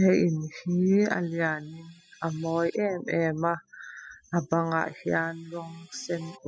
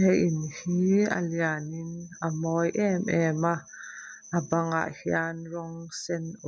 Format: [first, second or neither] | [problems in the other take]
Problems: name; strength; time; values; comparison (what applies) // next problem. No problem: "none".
second | noise reduction (classical method spectral subtraction)